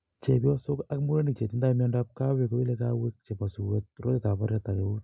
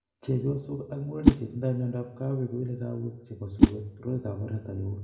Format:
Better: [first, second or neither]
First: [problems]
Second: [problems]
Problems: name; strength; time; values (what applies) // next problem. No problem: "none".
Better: first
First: none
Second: background sound (Whoosh, swoosh, swish); 3 dB above the speech // room echo; dies away in 0.9 s